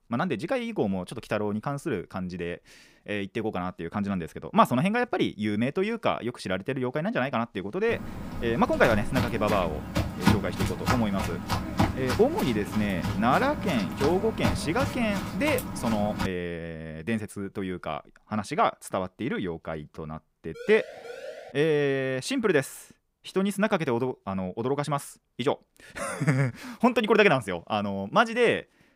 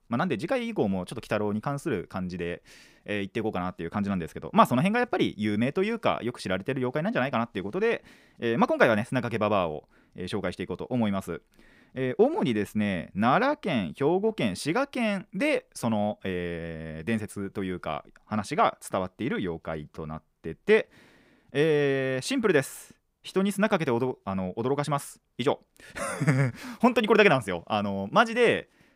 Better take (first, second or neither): second